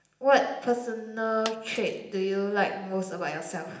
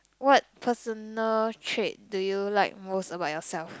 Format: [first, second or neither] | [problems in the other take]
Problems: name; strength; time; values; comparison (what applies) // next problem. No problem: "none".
second | background sound (Coin (dropping)); 17 dB below the speech // room echo; dies away in 0.8 s